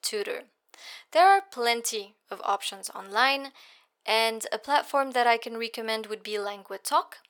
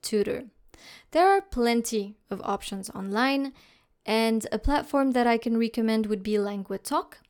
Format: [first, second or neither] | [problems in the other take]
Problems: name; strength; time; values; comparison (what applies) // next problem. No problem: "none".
second | thin; very; fading below 750 Hz